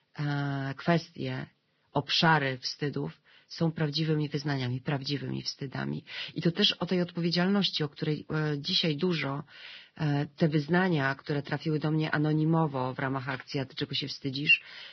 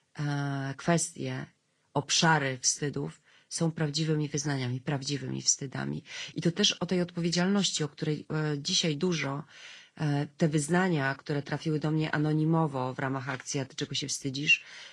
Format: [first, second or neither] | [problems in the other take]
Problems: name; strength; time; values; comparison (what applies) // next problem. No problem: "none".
second | garbled, watery; badly; nothing above 5.5 kHz; slightly in the second